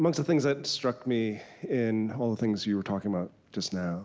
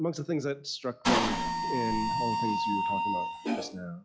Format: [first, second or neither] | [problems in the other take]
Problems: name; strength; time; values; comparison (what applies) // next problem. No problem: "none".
first | noise reduction (classical method log-MMSE)